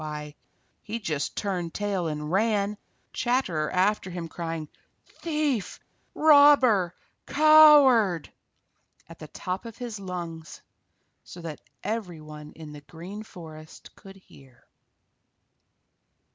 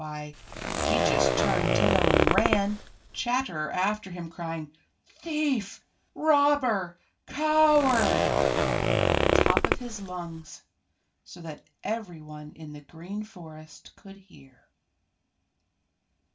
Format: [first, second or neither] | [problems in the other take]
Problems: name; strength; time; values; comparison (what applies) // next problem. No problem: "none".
first | background sound (Zipper (clothing)); 5 dB above the speech // room echo; dies away in 0.2 s